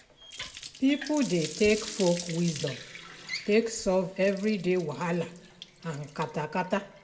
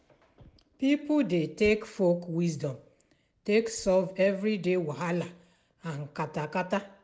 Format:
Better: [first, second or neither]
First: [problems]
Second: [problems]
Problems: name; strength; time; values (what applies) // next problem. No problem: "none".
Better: second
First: background sound (Water tap, faucet); 14 dB below the speech // room echo; dies away in 1.3 s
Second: none